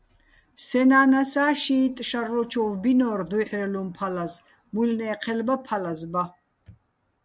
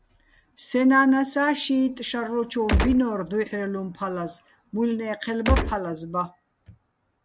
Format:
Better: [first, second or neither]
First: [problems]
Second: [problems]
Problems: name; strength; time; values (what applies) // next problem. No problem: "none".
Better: first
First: none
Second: background sound (Gunshot, gunfire); 3 dB above the speech